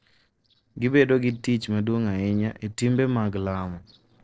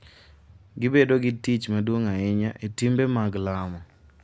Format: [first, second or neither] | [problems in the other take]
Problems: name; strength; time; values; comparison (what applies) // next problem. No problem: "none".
second | noise reduction (neural separator model SepFormer DNS4)